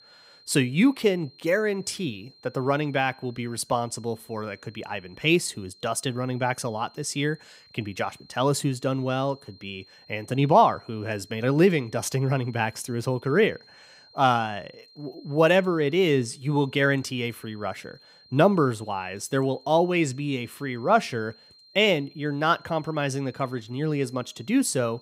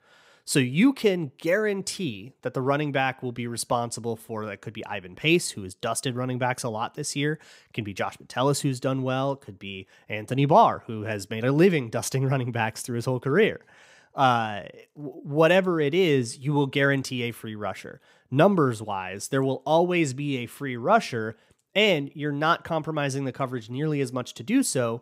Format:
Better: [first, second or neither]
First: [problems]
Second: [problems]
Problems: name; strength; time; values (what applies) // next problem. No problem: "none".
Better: second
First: high-pitched whine; faint; throughout; 4 kHz, 25 dB below the speech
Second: none